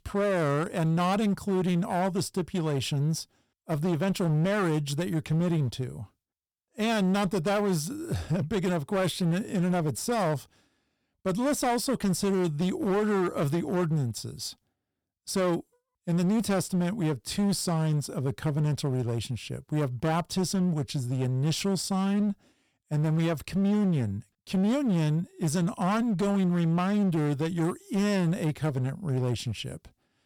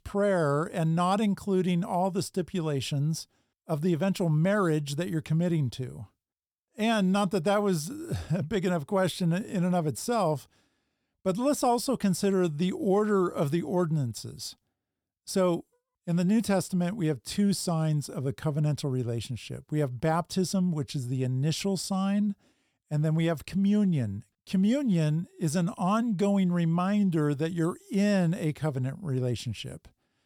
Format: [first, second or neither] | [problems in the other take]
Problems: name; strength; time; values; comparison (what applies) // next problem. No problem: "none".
second | distortion; slight; 18% of the sound clipped